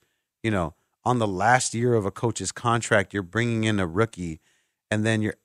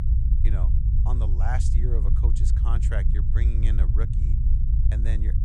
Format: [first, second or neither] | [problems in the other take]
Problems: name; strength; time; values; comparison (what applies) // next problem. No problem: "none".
first | low rumble; loud; throughout; 2 dB below the speech